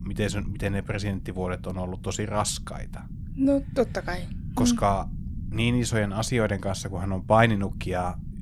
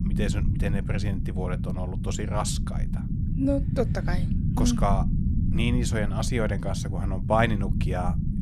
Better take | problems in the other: first | low rumble; loud; throughout; 9 dB below the speech; faint in the first

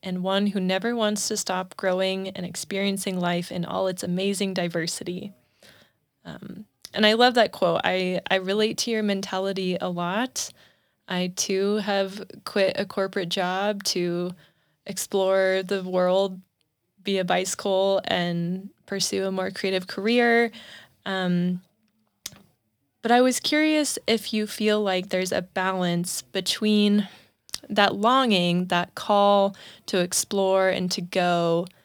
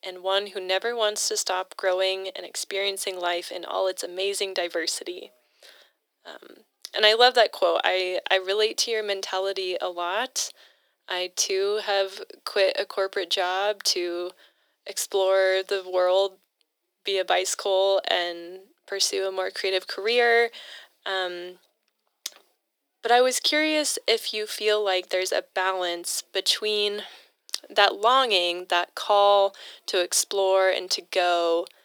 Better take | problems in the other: first | thin; very; fading below 350 Hz

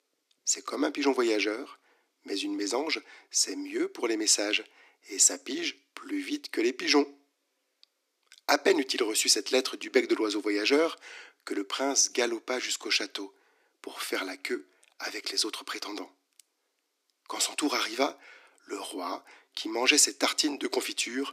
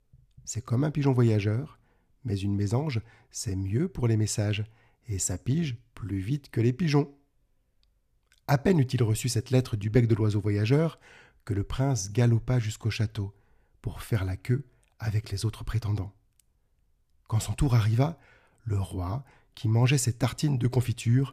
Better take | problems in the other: second | thin; very; fading below 300 Hz

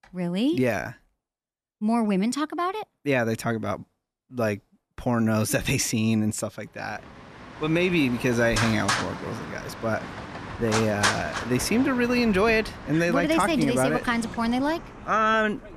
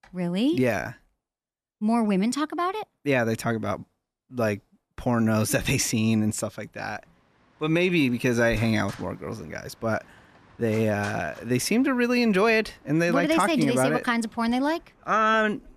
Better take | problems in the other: second | traffic noise; loud; from 7 s on; 7 dB below the speech; faint in the second

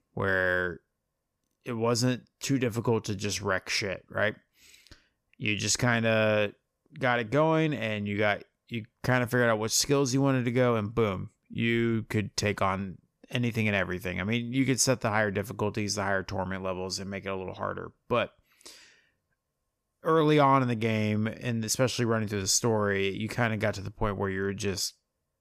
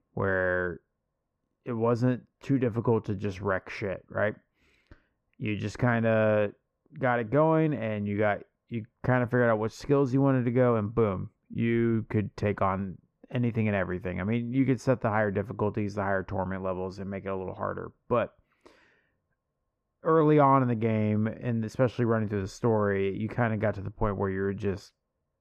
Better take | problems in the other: first | muffled; very; fading above 3 kHz

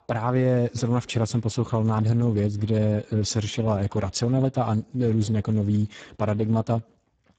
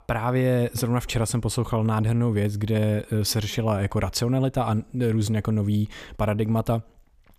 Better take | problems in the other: second | garbled, watery; badly; nothing above 7.5 kHz

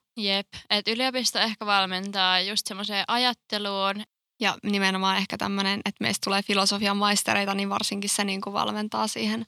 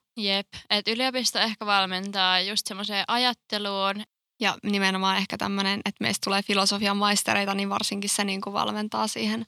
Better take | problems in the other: neither | thin; very slightly; fading below 400 Hz; the same in both

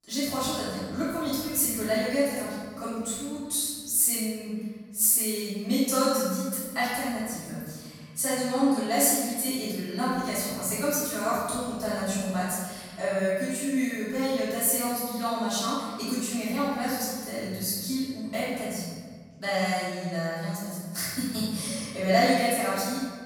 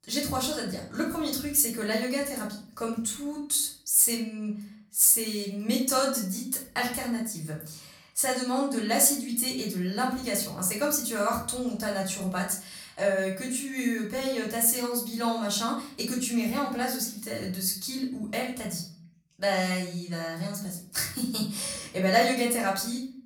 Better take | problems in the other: second | room echo; strong; dies away in 3 s; slight in the second // off-mic speech; far; far in the second

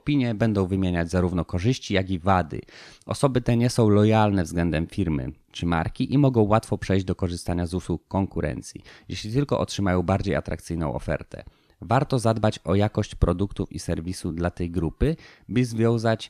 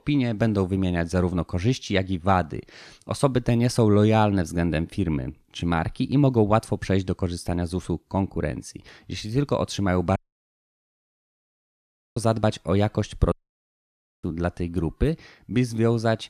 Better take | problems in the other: first | audio cutting out; at 10 s for 2 s and at 13 s for 1 s

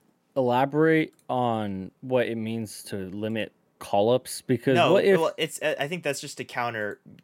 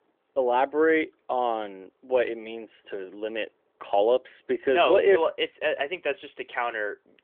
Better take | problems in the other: first | phone-call audio; nothing above 3 kHz

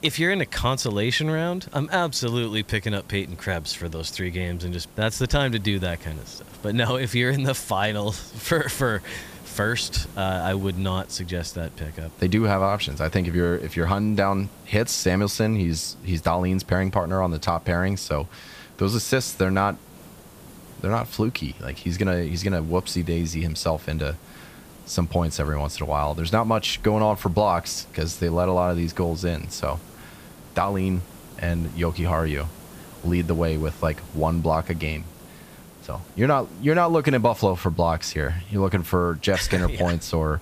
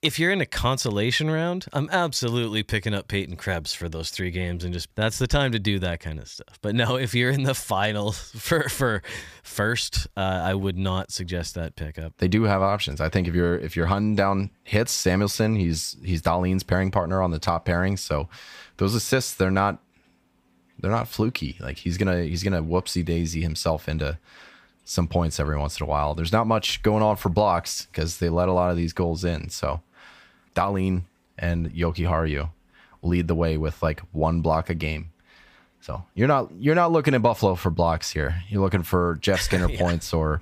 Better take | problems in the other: second | hiss; faint; throughout; 20 dB below the speech

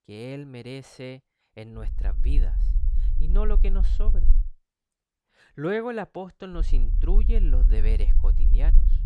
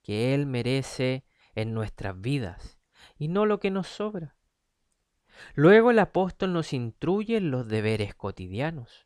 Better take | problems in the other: second | low rumble; noticeable; from 2 to 4.5 s and from 6.5 s on; 15 dB below the speech

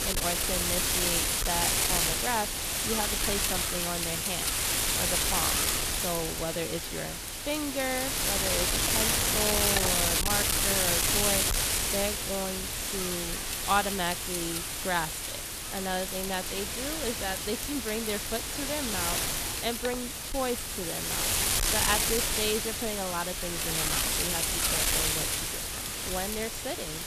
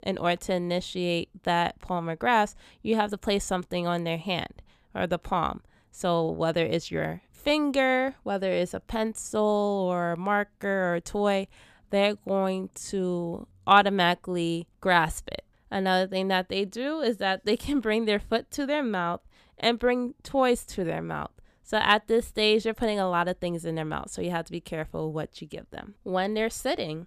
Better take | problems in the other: second | wind noise on the microphone; heavy; 5 dB above the speech

